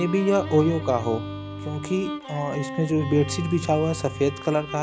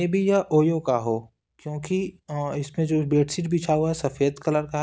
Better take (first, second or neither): second